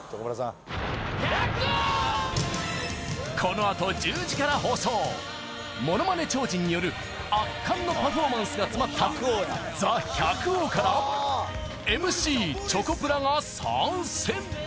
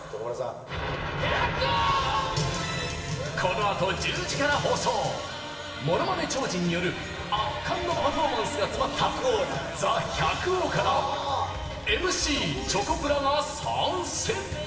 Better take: first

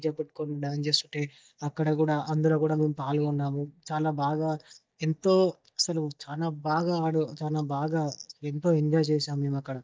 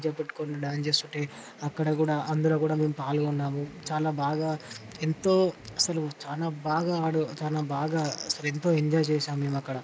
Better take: second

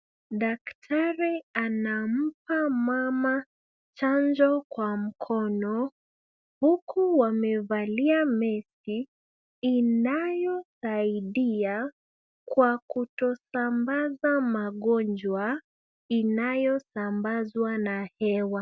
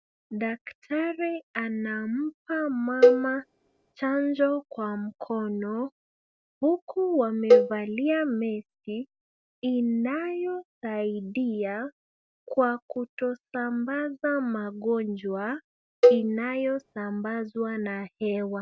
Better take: first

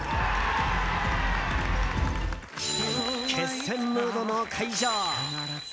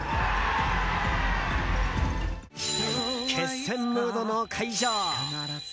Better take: second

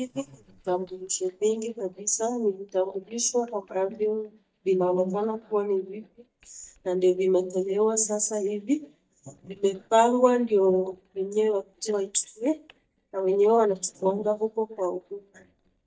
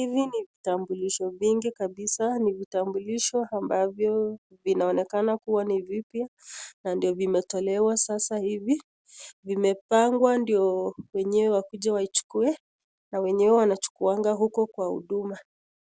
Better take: second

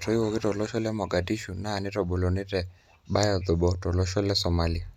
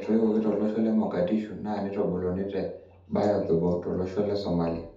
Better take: first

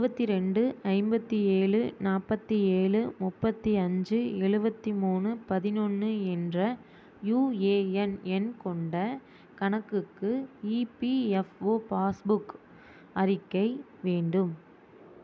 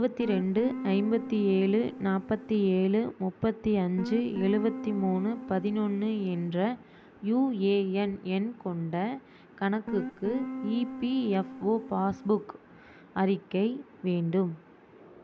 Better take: first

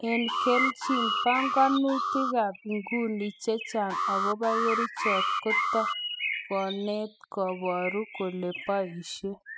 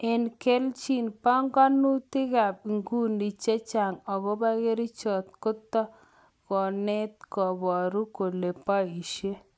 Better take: second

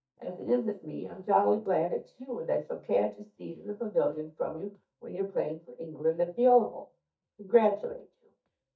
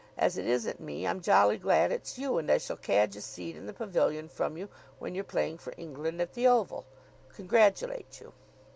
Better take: second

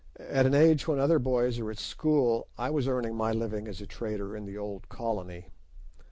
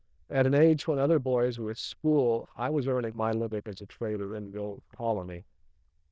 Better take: first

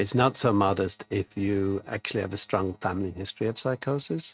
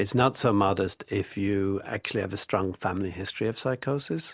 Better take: second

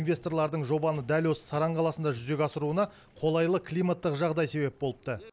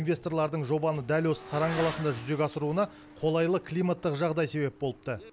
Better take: first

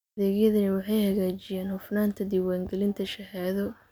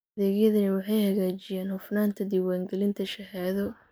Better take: first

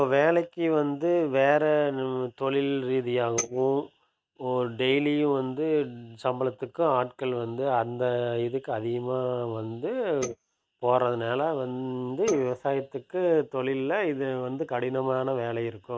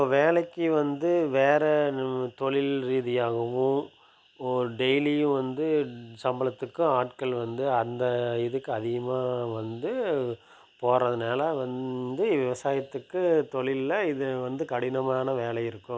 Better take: second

